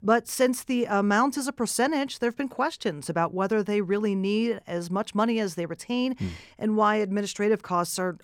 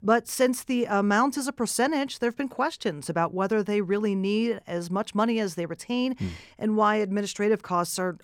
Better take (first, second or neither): neither